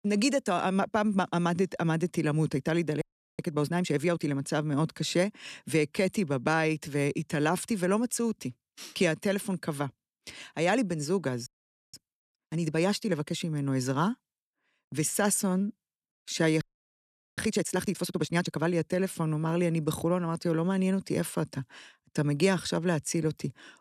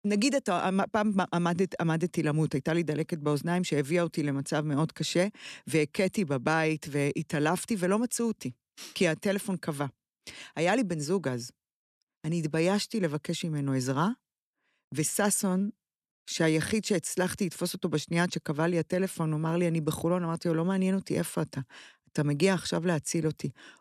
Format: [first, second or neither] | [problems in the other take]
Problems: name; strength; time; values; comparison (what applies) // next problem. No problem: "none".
second | audio freezing; at 3 s, at 11 s and at 17 s for 1 s